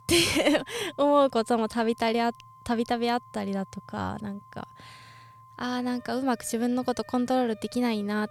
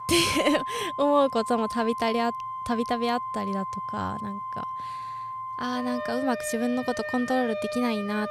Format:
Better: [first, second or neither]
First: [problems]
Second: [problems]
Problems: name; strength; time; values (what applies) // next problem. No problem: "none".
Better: first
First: background music; faint; throughout; 25 dB below the speech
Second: background music; loud; throughout; 6 dB below the speech